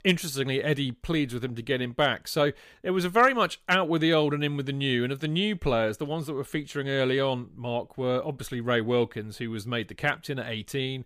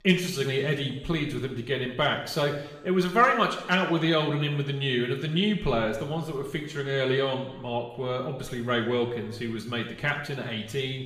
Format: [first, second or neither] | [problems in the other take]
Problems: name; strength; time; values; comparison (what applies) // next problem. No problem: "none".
first | room echo; noticeable; dies away in 1 s // off-mic speech; somewhat distant